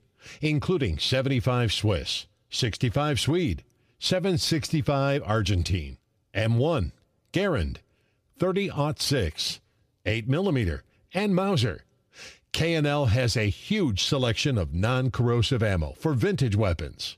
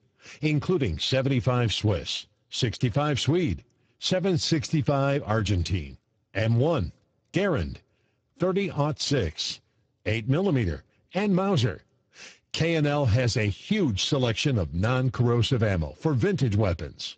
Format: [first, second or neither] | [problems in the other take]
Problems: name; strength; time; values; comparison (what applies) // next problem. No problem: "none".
first | garbled, watery; badly; nothing above 7.5 kHz